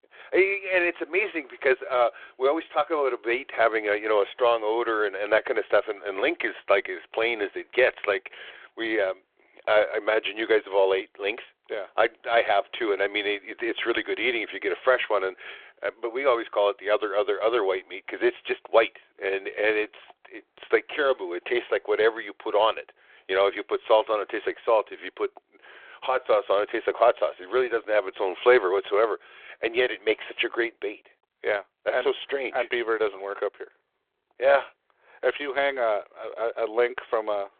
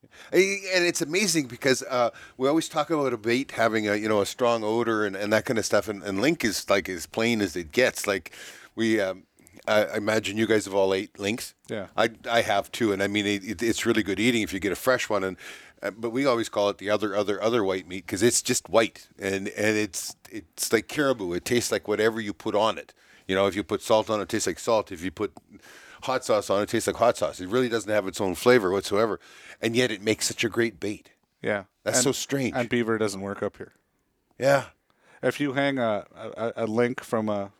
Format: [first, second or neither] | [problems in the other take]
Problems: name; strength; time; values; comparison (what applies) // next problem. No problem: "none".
second | phone-call audio